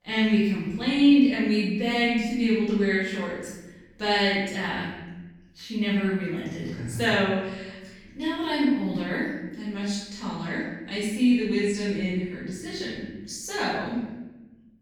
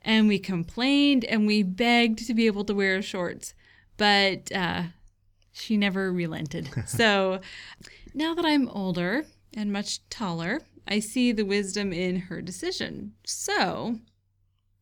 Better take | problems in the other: second | room echo; strong; dies away in 1 s // off-mic speech; far

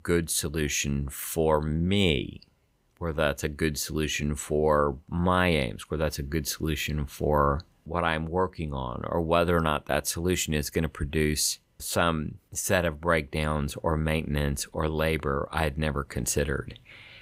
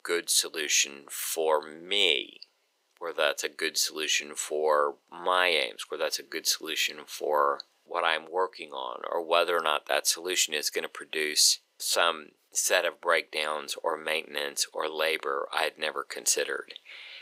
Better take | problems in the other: first | thin; very; fading below 400 Hz

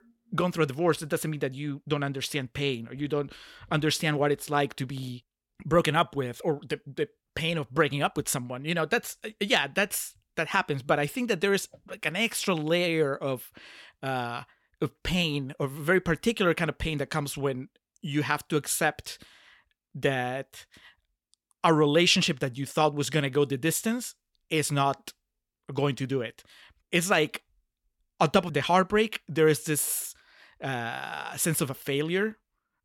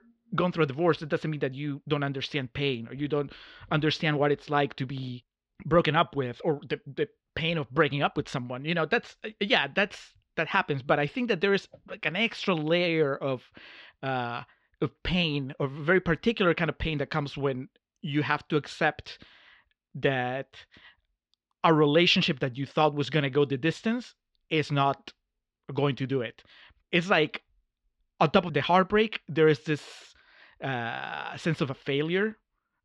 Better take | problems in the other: first | muffled; very slightly; fading above 4.5 kHz

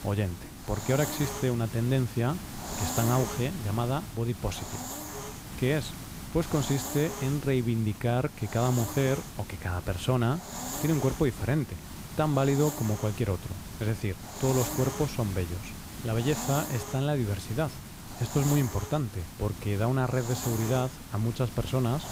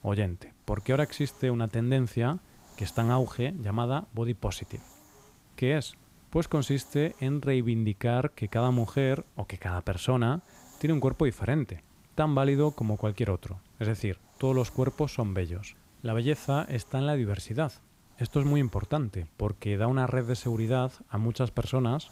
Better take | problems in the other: second | hiss; loud; throughout; 8 dB below the speech; faint in the second

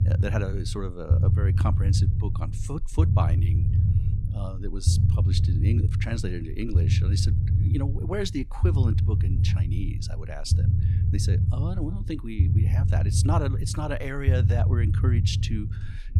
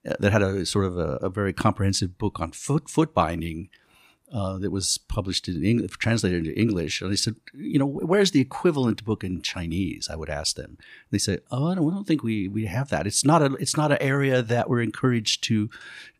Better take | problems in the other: second | low rumble; loud; throughout; 3 dB below the speech

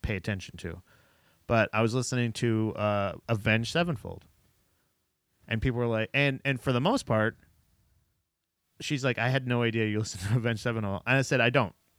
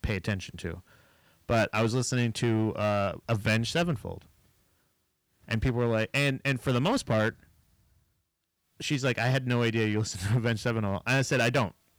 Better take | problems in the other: first | distortion; slight; 6% of the sound clipped

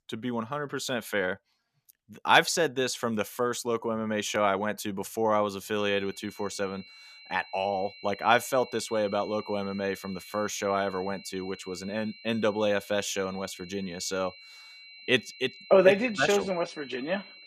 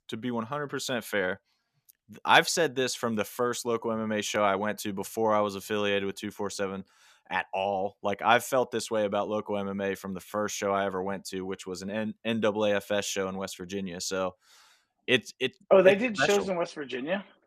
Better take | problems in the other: second | high-pitched whine; noticeable; from 6 s on; 4 kHz, 20 dB below the speech

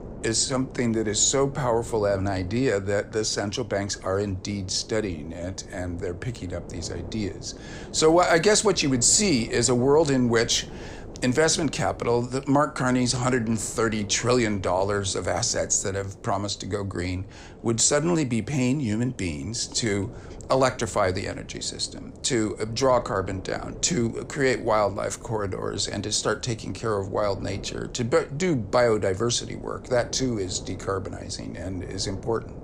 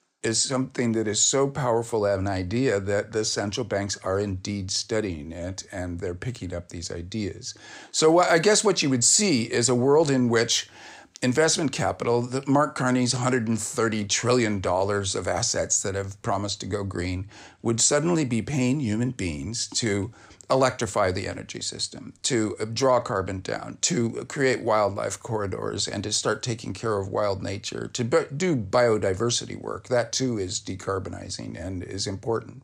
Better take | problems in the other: second | wind noise on the microphone; occasional gusts; 20 dB below the speech

